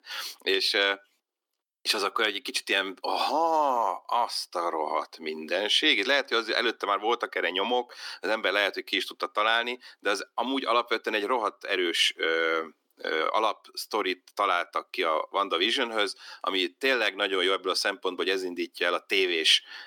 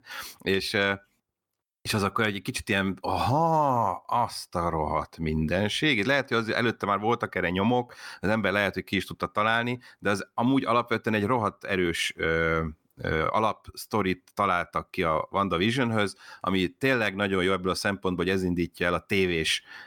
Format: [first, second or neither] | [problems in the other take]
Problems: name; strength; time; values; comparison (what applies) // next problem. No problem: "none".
second | thin; somewhat; fading below 300 Hz